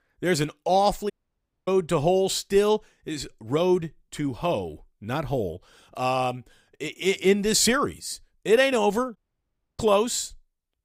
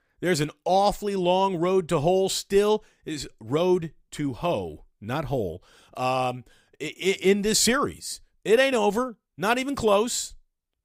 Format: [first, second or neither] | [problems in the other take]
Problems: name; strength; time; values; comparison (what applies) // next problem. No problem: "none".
second | audio cutting out; at 1 s for 0.5 s and at 9 s for 0.5 s